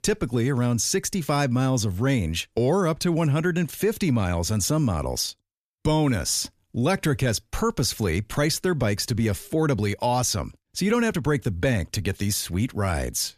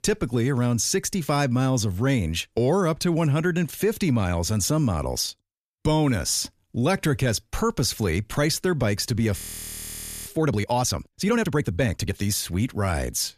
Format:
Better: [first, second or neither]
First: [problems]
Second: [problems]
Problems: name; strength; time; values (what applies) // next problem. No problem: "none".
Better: first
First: none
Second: audio freezing; at 9.5 s for 1 s